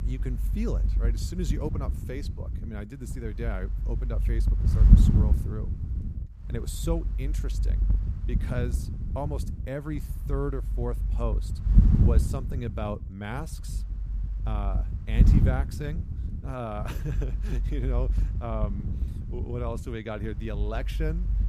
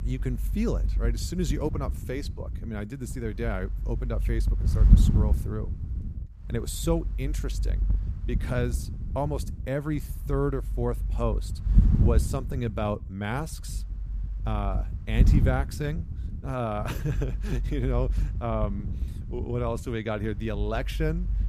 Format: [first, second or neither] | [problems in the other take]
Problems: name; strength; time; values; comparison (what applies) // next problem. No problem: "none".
second | wind noise on the microphone; heavy; 5 dB below the speech; occasional gusts in the second